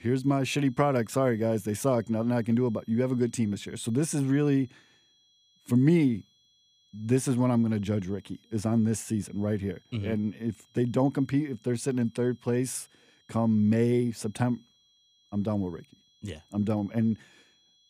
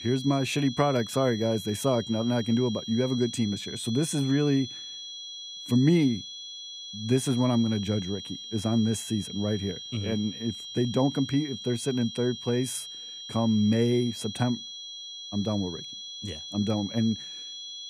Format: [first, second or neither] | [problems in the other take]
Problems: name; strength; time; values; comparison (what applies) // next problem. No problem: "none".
first | high-pitched whine; loud; throughout; 3.5 kHz, 10 dB below the speech; faint in the first